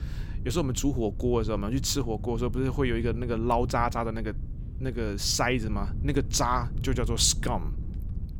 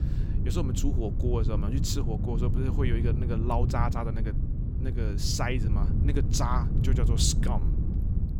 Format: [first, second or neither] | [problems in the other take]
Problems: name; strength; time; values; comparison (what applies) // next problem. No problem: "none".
first | wind noise on the microphone; heavy; 7 dB below the speech; occasional gusts in the first